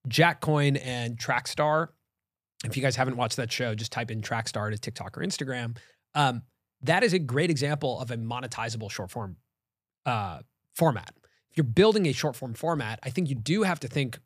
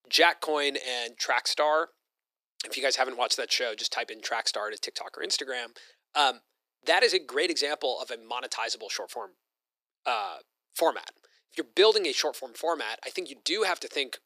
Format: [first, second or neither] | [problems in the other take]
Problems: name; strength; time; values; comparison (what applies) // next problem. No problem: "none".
first | thin; very; fading below 350 Hz